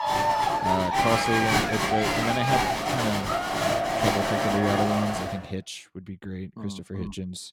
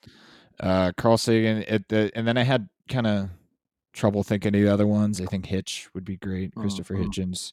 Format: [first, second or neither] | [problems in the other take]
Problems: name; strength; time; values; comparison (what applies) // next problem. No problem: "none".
second | crowd noise; very loud; until 5 s; 5 dB above the speech